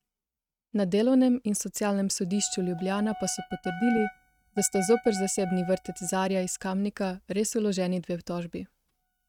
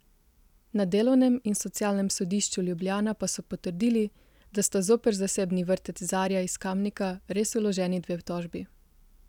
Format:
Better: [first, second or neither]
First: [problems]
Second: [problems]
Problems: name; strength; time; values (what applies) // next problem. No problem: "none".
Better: second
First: noise reduction (neural mask model RNNoise)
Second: none